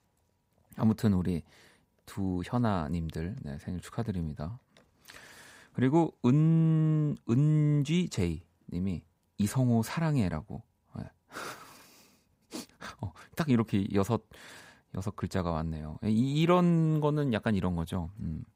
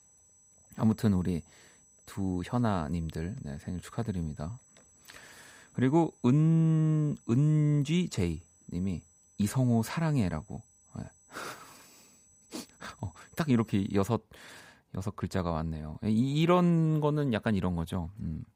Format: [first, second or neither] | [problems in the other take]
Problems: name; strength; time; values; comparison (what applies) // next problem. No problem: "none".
first | high-pitched whine; faint; until 14 s; 8 kHz, 30 dB below the speech